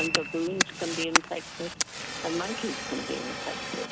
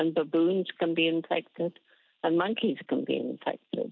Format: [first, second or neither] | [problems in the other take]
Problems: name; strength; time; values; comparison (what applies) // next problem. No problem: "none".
second | background sound (Piano + Fire); 2 dB above the speech